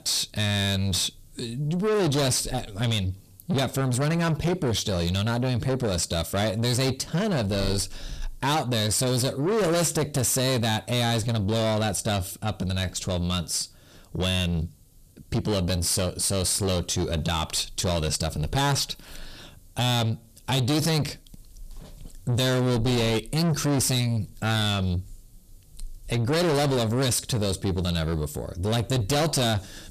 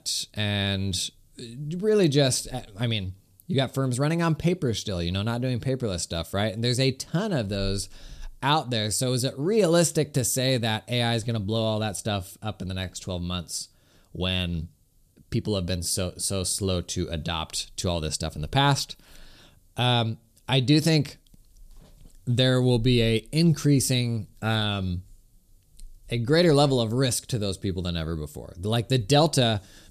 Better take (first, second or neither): second